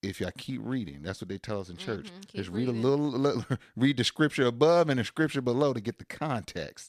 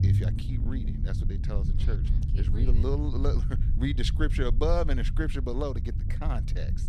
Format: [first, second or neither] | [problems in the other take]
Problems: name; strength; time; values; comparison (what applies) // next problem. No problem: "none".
first | low rumble; loud; throughout; 9 dB below the speech